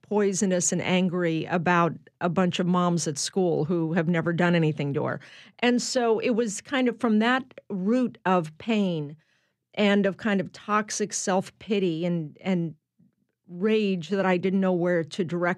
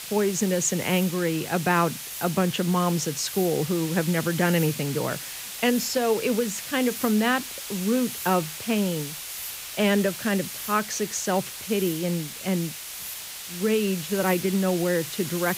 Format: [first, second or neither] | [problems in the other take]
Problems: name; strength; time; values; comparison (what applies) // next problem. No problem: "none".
first | hiss; loud; throughout; 8 dB below the speech